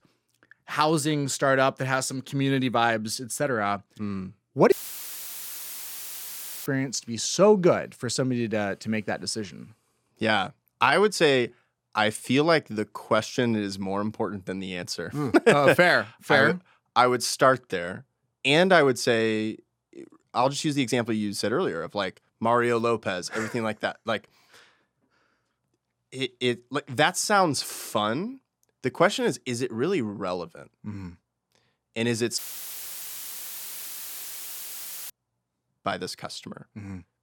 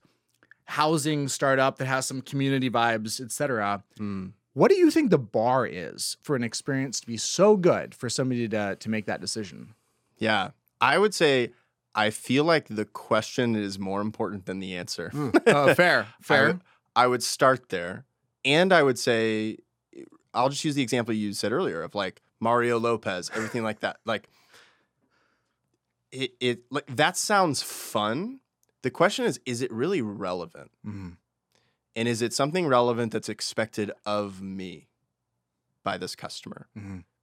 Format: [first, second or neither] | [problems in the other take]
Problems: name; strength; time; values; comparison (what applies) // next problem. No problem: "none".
second | audio cutting out; filled with static; at 4.5 s for 2 s and at 32 s for 2.5 s